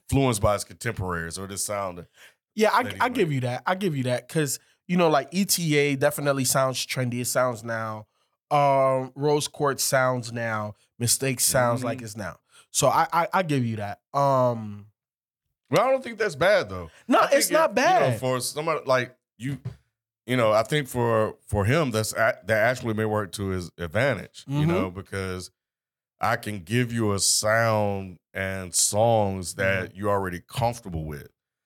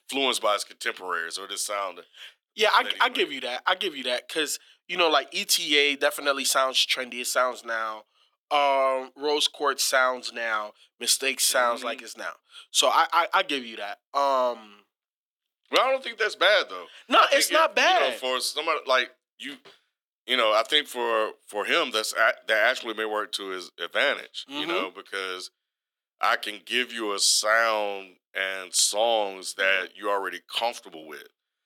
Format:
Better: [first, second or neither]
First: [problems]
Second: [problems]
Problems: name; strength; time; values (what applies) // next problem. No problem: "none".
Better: first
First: none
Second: thin; somewhat; fading below 300 Hz